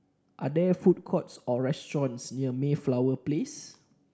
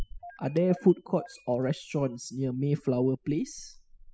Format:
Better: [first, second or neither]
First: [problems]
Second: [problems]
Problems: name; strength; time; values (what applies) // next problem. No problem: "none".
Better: first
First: none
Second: noise reduction (classical method spectral subtraction)